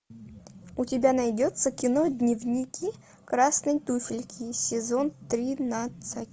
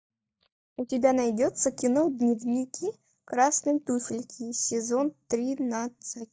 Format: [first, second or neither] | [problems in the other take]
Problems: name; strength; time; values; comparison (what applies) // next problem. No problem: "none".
first | noise reduction (neural mask model DeepFilterNet 3)